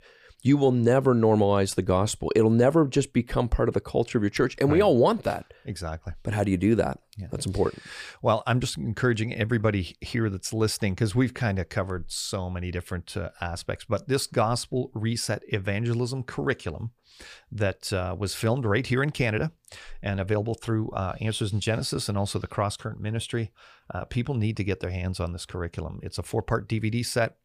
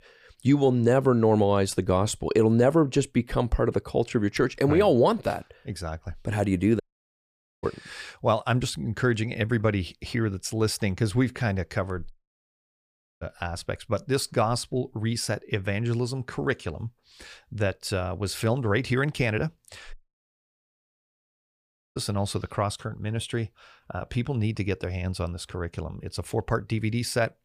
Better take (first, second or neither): first